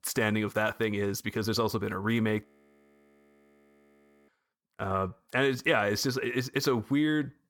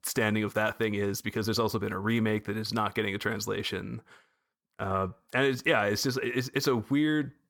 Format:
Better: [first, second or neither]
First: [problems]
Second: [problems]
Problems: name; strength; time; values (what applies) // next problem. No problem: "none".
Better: second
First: audio freezing; at 2.5 s for 2 s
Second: none